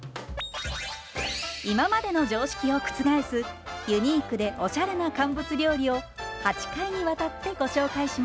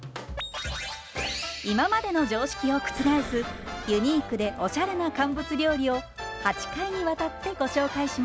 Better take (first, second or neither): first